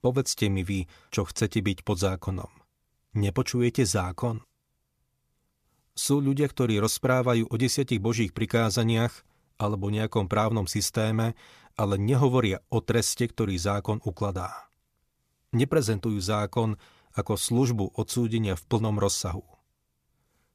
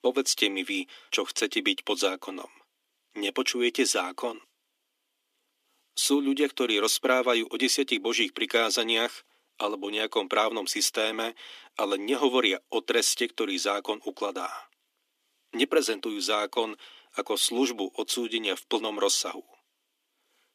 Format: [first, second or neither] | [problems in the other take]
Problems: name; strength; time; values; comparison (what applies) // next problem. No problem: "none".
first | thin; somewhat; fading below 250 Hz